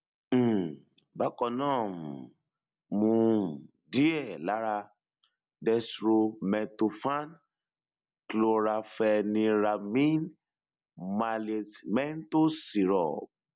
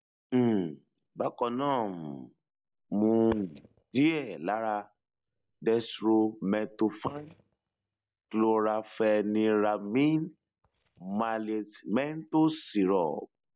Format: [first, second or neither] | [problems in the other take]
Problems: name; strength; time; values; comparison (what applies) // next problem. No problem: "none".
first | noise reduction (neural mask model DeepFilterNet 3)